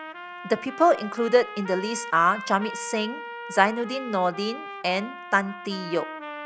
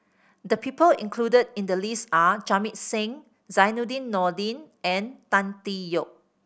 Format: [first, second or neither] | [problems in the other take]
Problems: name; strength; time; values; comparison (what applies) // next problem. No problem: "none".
second | background sound (Trumpet); 12 dB below the speech